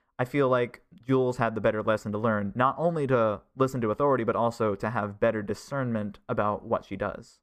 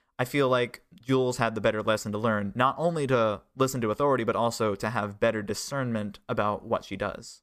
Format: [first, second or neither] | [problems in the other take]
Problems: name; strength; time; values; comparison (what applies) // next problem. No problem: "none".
second | muffled; slightly; fading above 2.5 kHz